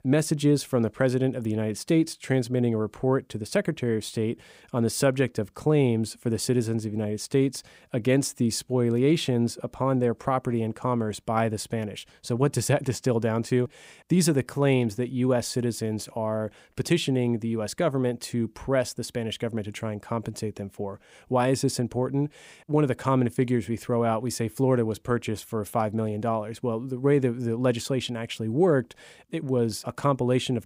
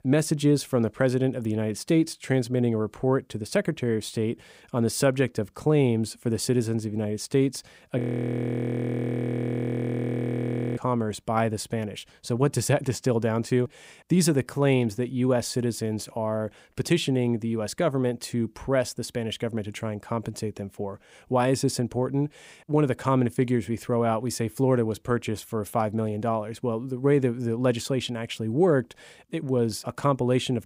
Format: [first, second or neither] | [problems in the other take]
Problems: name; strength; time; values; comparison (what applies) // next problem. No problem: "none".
first | audio freezing; at 8 s for 3 s